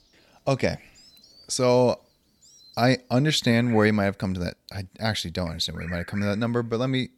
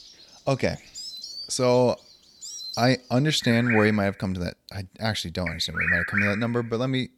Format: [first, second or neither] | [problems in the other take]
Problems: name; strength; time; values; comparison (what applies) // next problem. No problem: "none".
first | animal sounds; loud; throughout; 4 dB below the speech; faint in the first